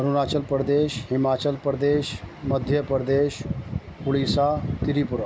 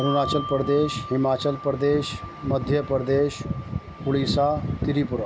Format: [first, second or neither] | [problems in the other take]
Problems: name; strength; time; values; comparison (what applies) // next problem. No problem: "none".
first | background sound (Bell); 14 dB below the speech